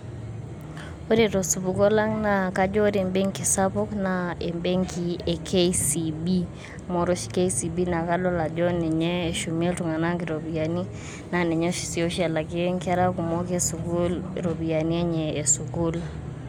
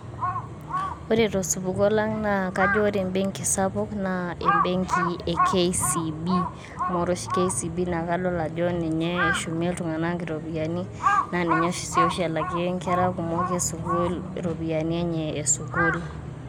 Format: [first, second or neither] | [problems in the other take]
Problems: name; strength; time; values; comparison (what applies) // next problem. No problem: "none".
first | background sound (Crow); 4 dB below the speech